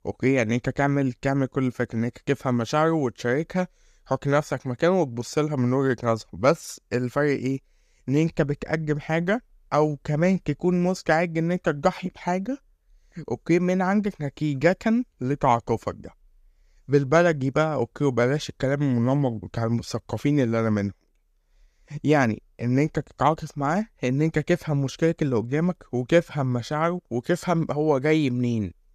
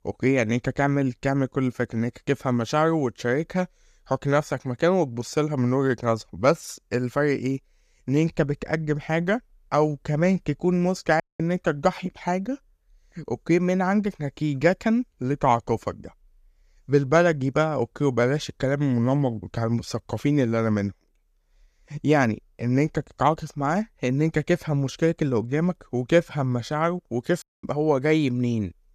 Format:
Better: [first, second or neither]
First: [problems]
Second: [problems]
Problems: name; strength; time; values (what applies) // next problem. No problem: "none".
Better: first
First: none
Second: audio cutting out; at 11 s and at 27 s